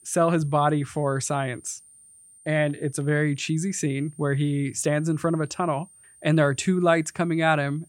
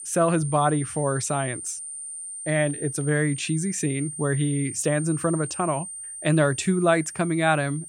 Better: first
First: high-pitched whine; faint; throughout; 9 kHz, 25 dB below the speech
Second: high-pitched whine; loud; throughout; 9 kHz, 9 dB below the speech

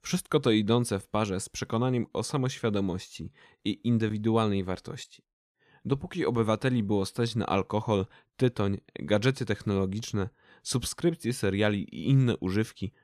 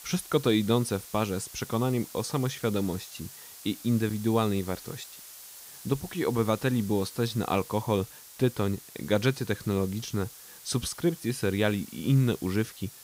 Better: first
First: none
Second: hiss; noticeable; throughout; 15 dB below the speech

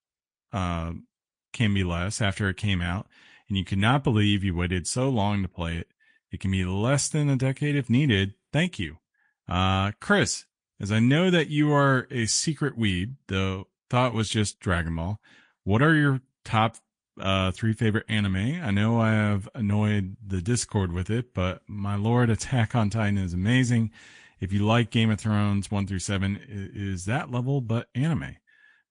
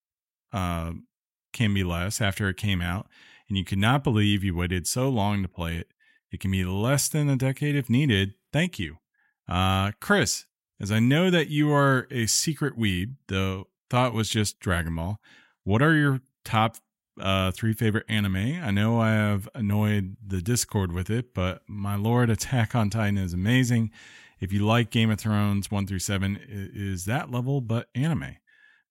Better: second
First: garbled, watery; slightly; nothing above 10 kHz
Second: none

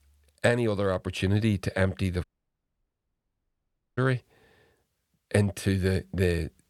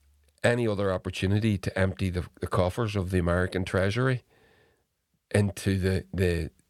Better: second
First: audio cutting out; at 2 s for 1.5 s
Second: none

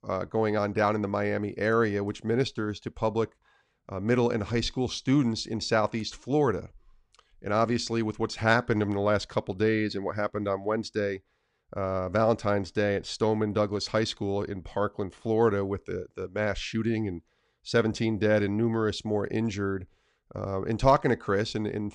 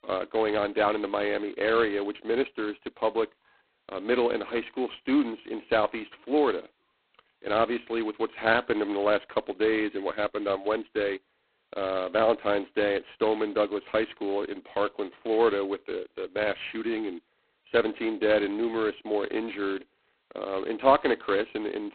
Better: first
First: none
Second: phone-call audio; poor line; nothing above 4 kHz

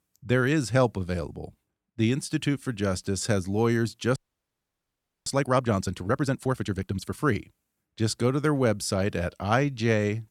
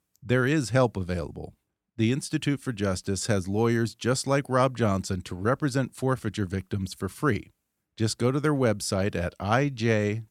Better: second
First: audio freezing; at 4 s for 1 s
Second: none

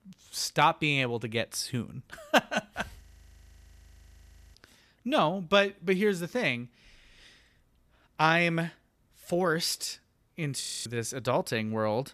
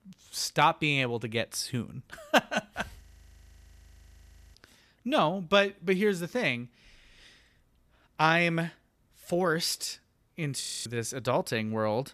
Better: neither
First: audio freezing; at 3 s for 1.5 s and at 11 s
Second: audio freezing; at 3 s for 1.5 s and at 11 s

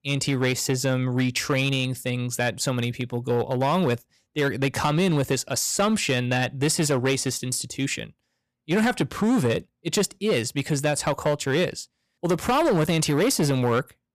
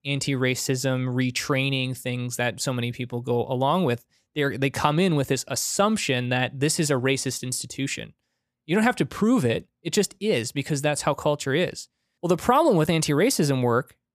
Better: second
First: distortion; slight; 7% of the sound clipped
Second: none

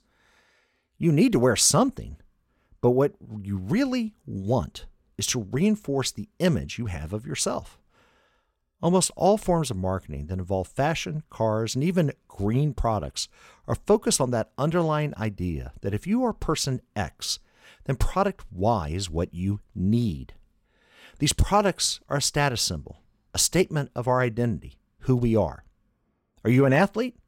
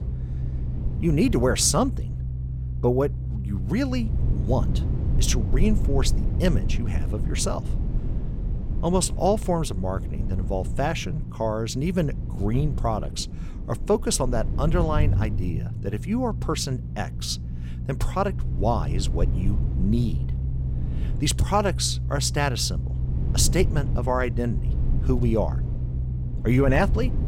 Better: first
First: none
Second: low rumble; noticeable; throughout; 15 dB below the speech

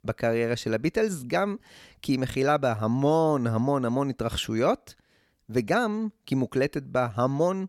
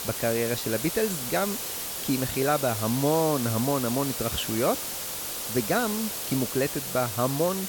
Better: first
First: none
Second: hiss; loud; throughout; 3 dB below the speech

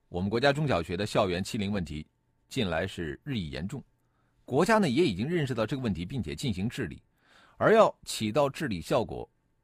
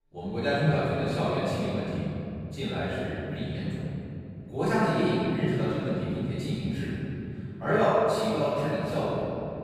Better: first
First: none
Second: room echo; strong; dies away in 3 s // off-mic speech; far

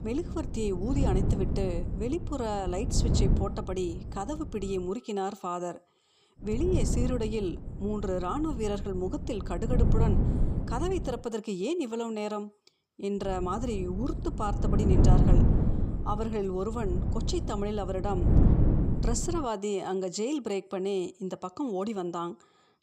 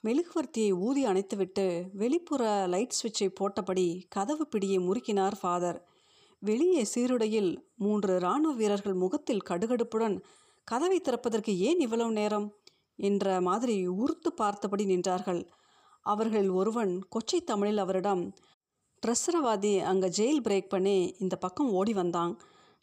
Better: second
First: wind noise on the microphone; heavy; until 5 s, from 6.5 to 11 s and from 13 to 19 s; 5 dB below the speech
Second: none

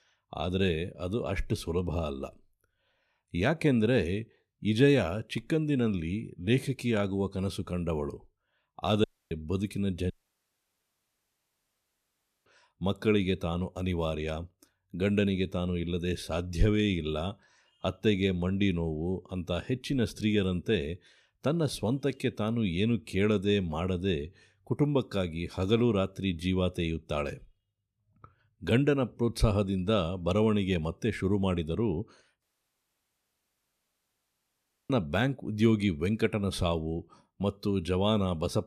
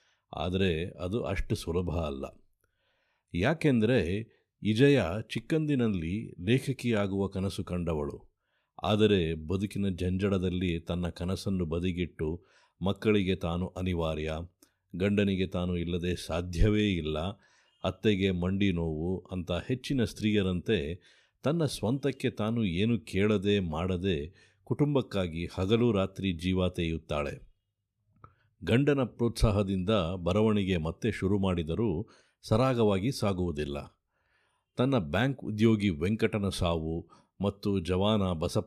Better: second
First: audio cutting out; at 9 s, at 10 s for 2.5 s and at 32 s for 2.5 s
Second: none

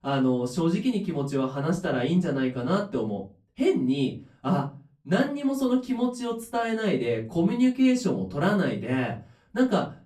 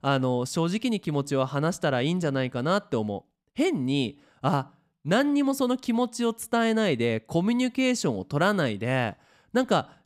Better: second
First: off-mic speech; far // room echo; very slight; dies away in 0.3 s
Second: none

